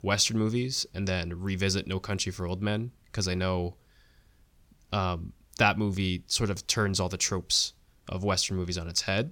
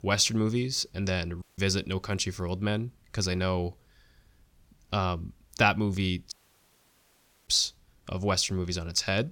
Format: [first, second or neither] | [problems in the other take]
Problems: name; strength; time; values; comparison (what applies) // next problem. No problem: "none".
first | audio cutting out; at 1.5 s and at 6.5 s for 1 s